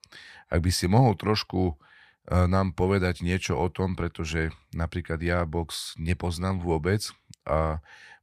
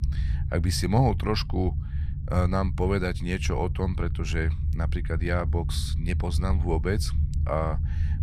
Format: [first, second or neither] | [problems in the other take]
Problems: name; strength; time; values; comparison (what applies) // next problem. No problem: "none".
first | low rumble; noticeable; throughout; 15 dB below the speech